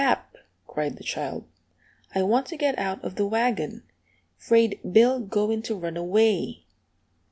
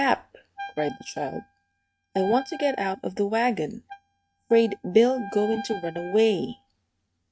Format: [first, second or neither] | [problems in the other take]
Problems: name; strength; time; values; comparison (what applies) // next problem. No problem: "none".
first | noise reduction (neural mask model RNNoise)